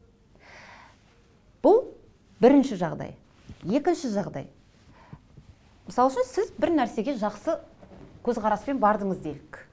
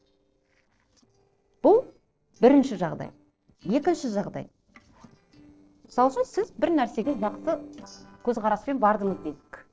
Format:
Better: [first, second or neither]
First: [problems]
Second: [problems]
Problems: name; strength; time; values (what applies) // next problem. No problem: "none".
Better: first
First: none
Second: noise reduction (neural separator model SepFormer DNS4)